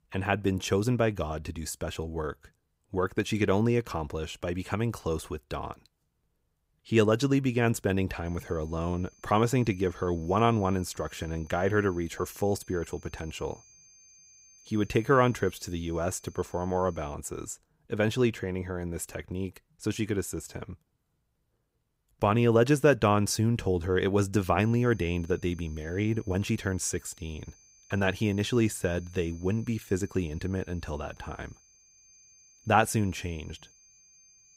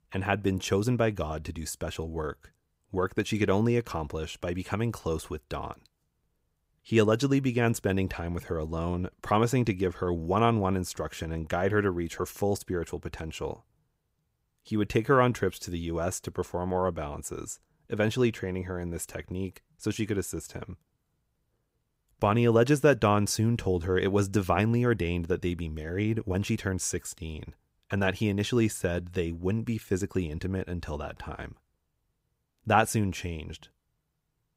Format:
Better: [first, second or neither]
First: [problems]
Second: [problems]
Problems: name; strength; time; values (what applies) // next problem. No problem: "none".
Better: second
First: high-pitched whine; faint; from 8.5 to 17 s and from 25 s on; 6.5 kHz, 25 dB below the speech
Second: none